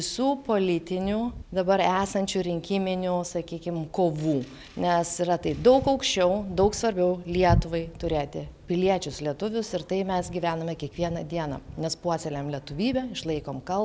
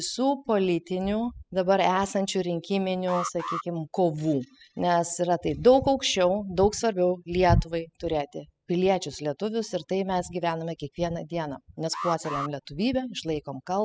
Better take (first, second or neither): first